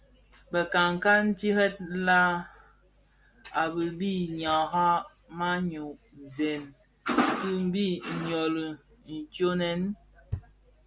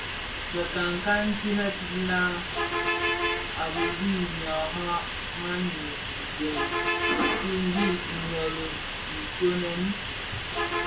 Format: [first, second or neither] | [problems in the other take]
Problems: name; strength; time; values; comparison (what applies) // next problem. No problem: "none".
first | background sound (Bus); as loud as the speech // room echo; dies away in 0.2 s